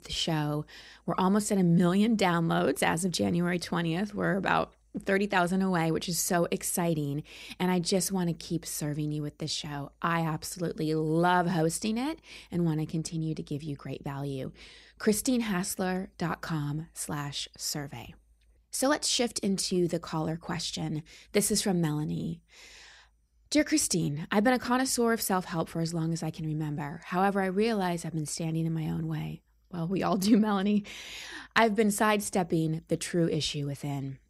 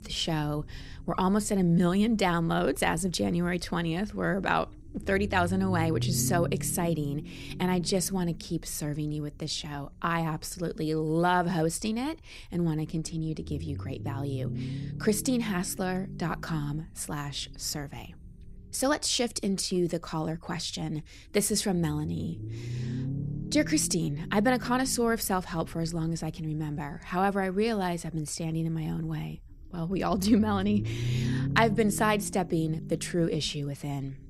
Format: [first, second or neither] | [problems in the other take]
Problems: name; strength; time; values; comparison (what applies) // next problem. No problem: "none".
first | low rumble; noticeable; throughout; 15 dB below the speech